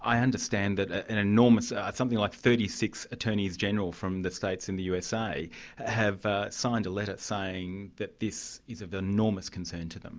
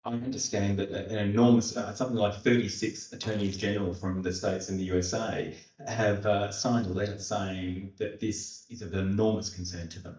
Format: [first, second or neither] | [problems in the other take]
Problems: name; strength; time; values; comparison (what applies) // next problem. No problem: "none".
first | noise reduction (neural mask model DeepFilterNet 3)